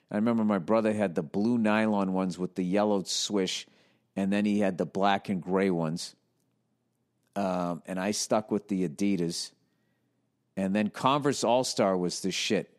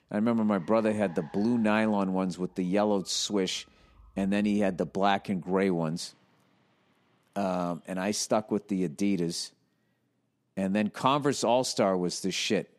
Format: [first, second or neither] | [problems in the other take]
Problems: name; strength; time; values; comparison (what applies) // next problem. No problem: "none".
first | traffic noise; faint; throughout; 30 dB below the speech